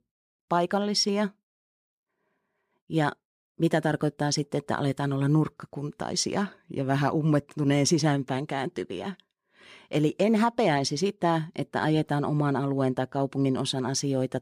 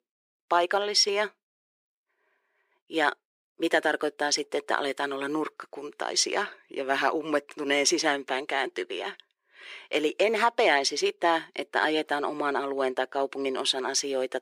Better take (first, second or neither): first